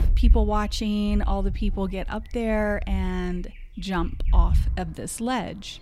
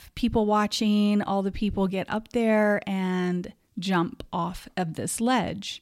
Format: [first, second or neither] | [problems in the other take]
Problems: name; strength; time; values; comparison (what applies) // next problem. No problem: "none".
second | animal sounds; very loud; throughout; as loud as the speech